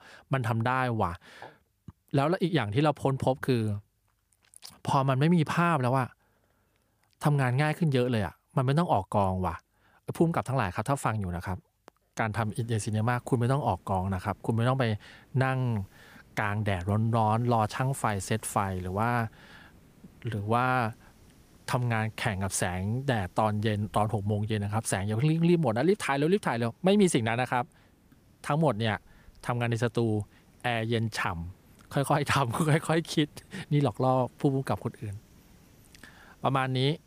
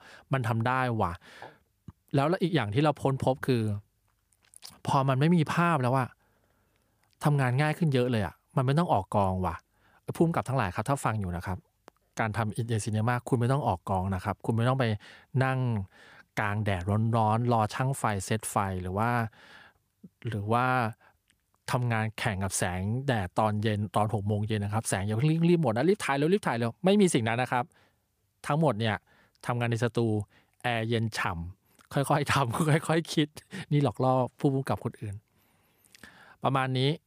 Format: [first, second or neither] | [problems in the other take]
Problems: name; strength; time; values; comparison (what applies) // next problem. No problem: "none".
second | hiss; faint; from 12 s on; 30 dB below the speech